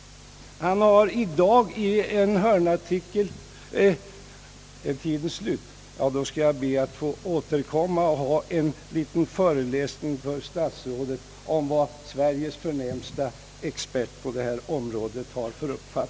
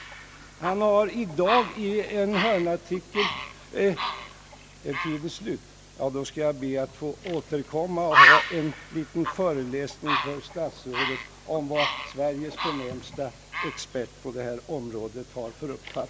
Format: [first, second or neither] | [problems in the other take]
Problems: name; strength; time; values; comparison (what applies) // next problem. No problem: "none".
first | background sound (Bird); as loud as the speech